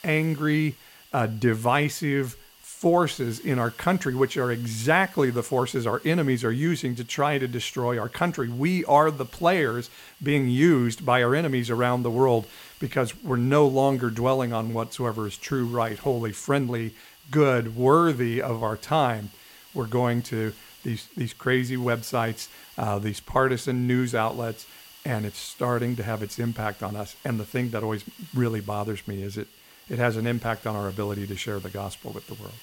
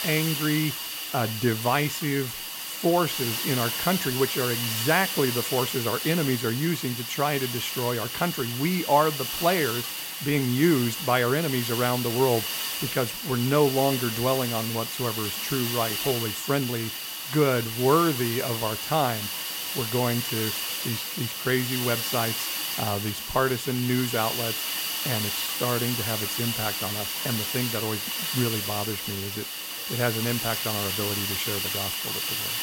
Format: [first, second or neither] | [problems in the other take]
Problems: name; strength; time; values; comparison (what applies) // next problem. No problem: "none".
first | hiss; loud; throughout; 1 dB below the speech; faint in the first